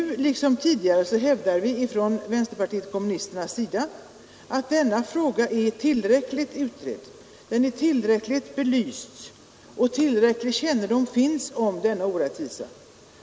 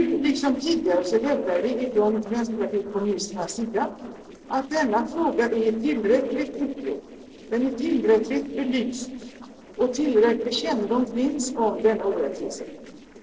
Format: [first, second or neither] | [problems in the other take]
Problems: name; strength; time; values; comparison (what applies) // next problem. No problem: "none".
first | noise reduction (neural separator model SepFormer DNS4)